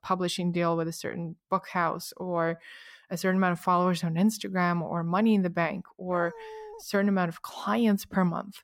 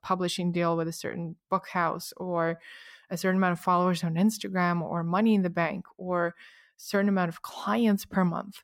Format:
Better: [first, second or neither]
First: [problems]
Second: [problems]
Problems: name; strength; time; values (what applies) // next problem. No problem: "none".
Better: second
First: dog barking; faint; at 6 s; peak 15 dB below the speech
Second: none